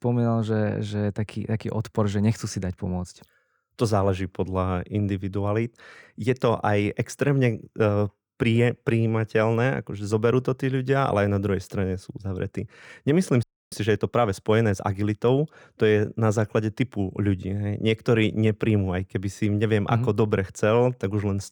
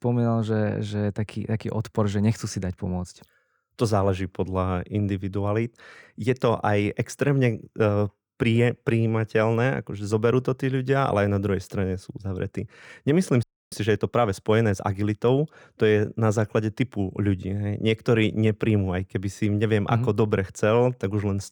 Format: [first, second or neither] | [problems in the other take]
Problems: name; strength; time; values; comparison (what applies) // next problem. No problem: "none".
neither | audio freezing; at 13 s; the same in both